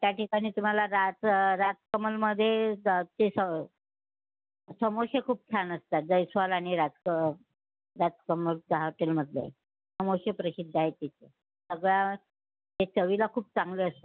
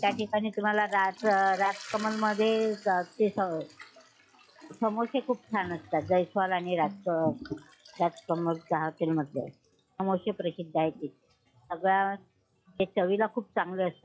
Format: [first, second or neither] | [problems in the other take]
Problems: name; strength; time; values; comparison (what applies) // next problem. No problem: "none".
first | noise reduction (classical method log-MMSE)